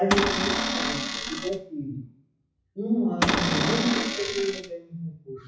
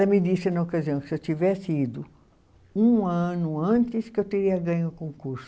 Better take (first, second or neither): second